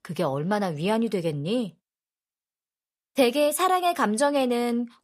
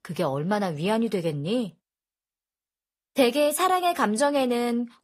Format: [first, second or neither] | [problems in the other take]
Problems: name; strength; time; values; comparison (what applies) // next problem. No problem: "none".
first | garbled, watery; slightly; nothing above 15.5 kHz